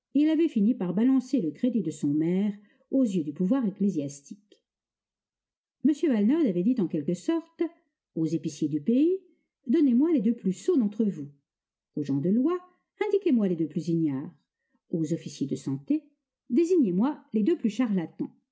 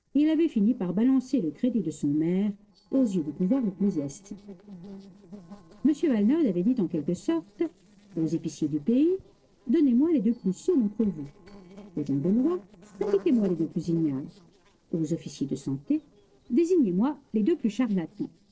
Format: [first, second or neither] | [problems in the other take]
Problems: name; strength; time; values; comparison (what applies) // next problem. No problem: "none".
first | noise reduction (neural separator model SepFormer DNS4)